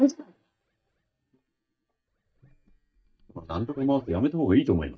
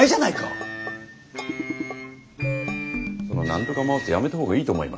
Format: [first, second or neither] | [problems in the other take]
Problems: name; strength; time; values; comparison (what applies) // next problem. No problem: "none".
second | noise reduction (neural mask model DeepFilterNet 3)